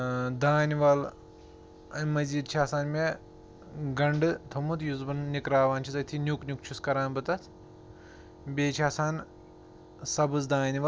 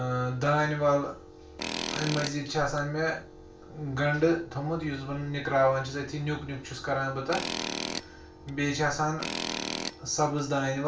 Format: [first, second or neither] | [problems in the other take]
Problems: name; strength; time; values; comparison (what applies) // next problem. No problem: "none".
first | background sound (Tools); 6 dB below the speech // room echo; dies away in 0.3 s